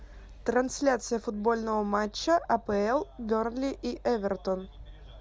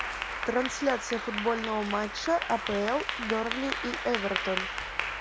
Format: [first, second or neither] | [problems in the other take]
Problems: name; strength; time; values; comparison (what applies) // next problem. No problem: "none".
first | background sound (Applause / Clapping); 3 dB below the speech